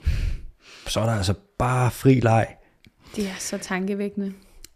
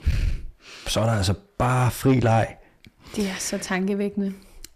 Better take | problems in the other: first | distortion; slight; 10 dB below the speech

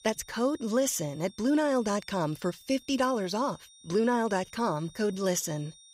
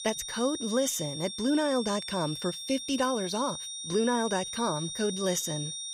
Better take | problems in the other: first | high-pitched whine; loud; throughout; 3.5 kHz, 6 dB below the speech; faint in the first

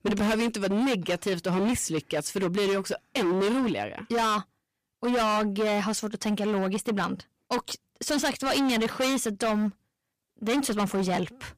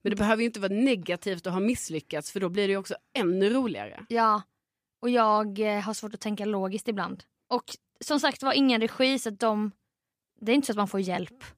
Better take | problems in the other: second | distortion; heavy; 21% of the sound clipped

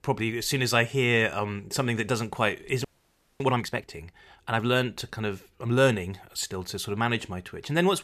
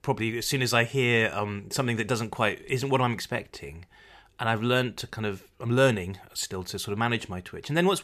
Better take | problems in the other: second | audio freezing; at 3 s for 0.5 s

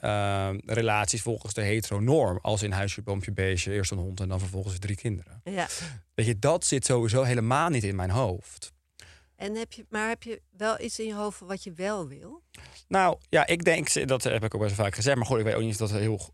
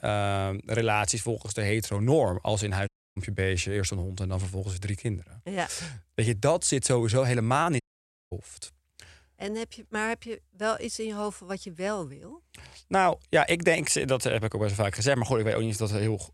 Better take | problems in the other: first | audio cutting out; at 3 s and at 8 s for 0.5 s

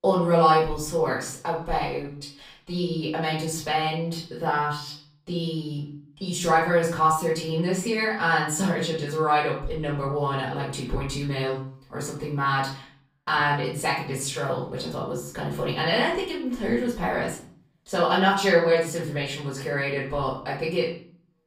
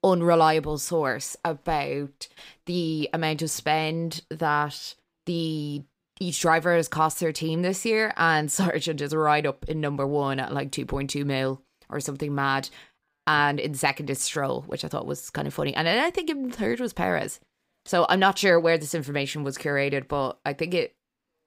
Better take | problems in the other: second | room echo; slight; dies away in 0.5 s // off-mic speech; far

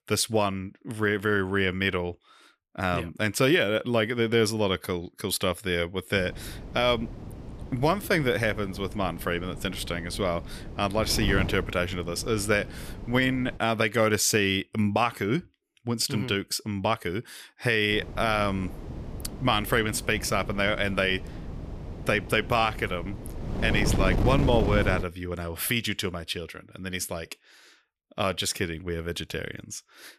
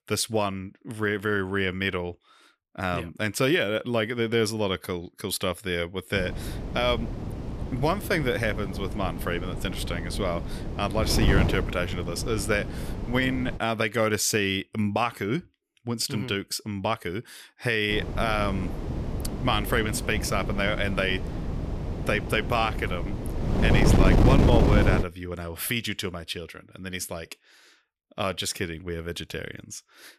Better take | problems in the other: first | wind noise on the microphone; heavy; from 6 to 14 s and from 18 to 25 s; 7 dB below the speech; occasional gusts in the first

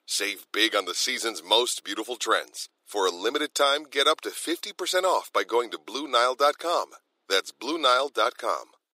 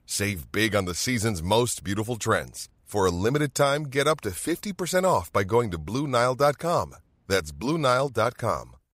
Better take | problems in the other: second | thin; very; fading below 300 Hz

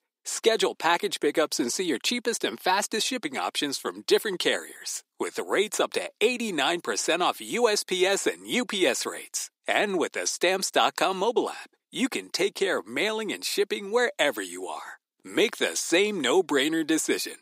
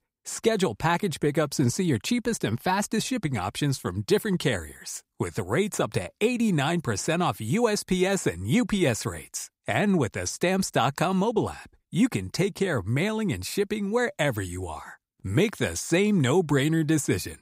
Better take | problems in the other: second | thin; somewhat; fading below 300 Hz

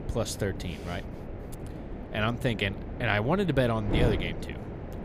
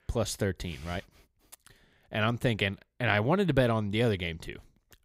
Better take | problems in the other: second | wind noise on the microphone; occasional gusts; 10 dB below the speech

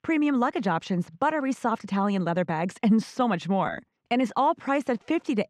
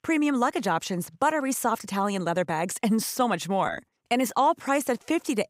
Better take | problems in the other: second | muffled; slightly; fading above 3.5 kHz

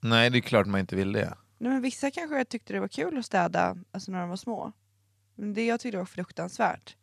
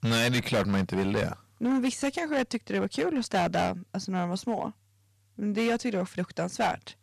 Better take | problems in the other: first | distortion; heavy; 10% of the sound clipped

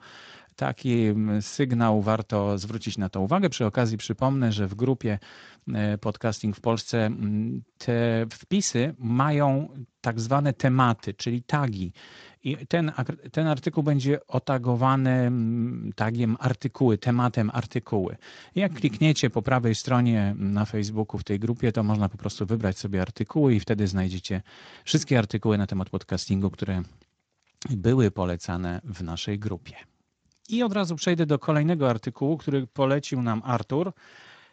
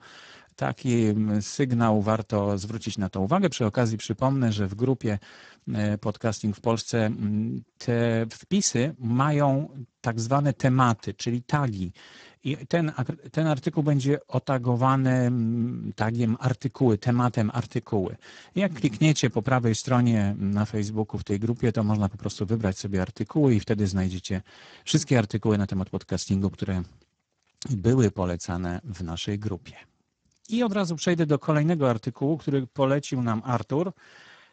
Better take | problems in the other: first | garbled, watery; badly; nothing above 7.5 kHz; slightly in the first

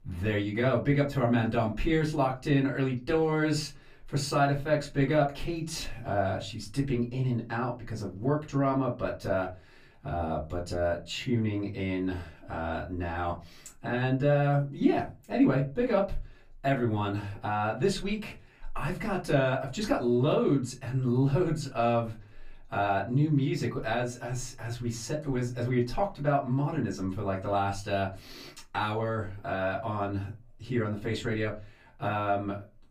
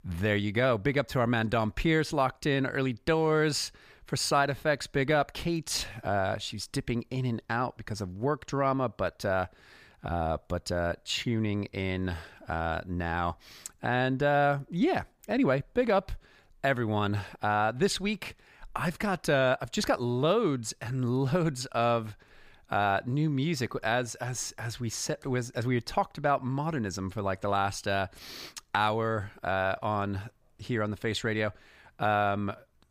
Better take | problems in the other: second | off-mic speech; far // room echo; very slight; dies away in 0.3 s

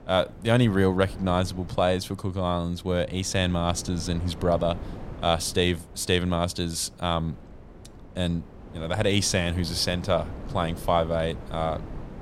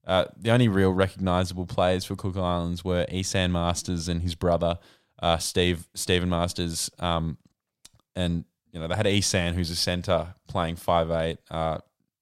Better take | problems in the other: second | wind noise on the microphone; occasional gusts; 20 dB below the speech

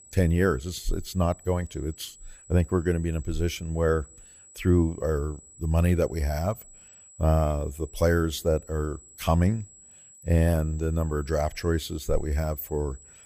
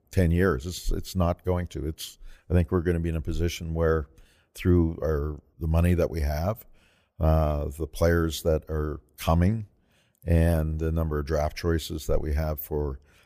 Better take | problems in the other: second | high-pitched whine; faint; throughout; 8 kHz, 20 dB below the speech

